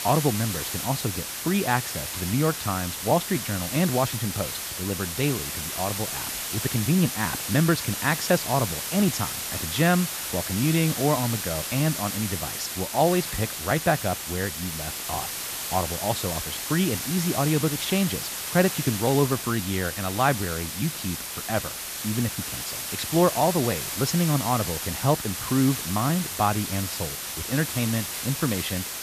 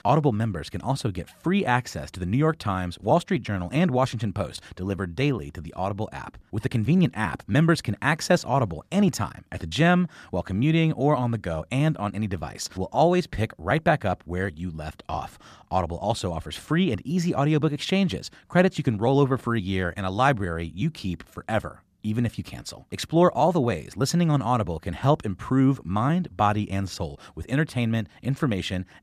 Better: second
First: hiss; loud; throughout; 3 dB below the speech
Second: none

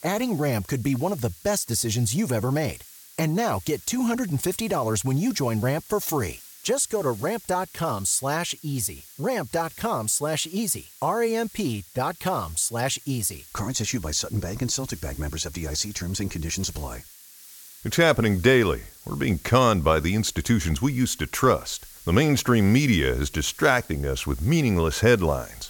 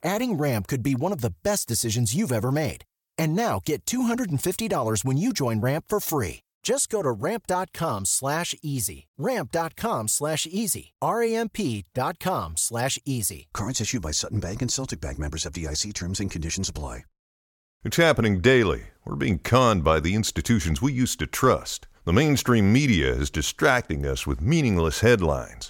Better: second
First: hiss; noticeable; throughout; 20 dB below the speech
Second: none

